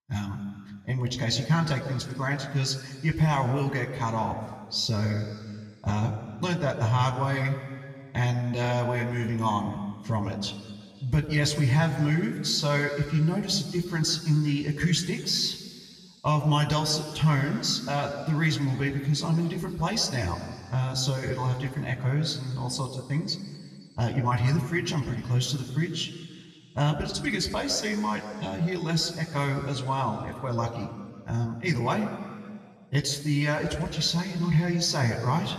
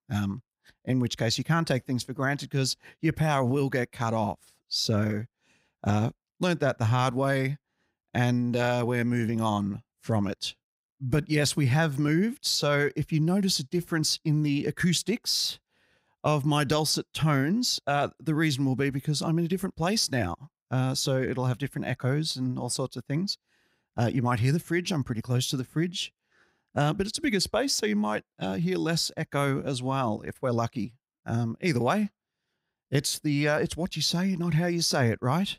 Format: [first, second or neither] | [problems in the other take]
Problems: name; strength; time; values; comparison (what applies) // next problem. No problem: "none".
second | room echo; slight; dies away in 2 s // off-mic speech; somewhat distant